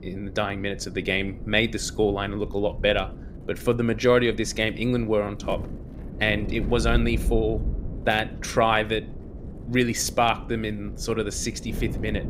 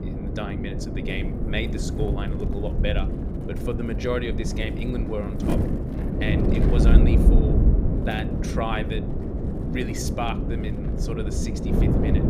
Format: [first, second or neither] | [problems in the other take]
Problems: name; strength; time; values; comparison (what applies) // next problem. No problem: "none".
first | wind noise on the microphone; heavy; 1 dB below the speech; occasional gusts in the first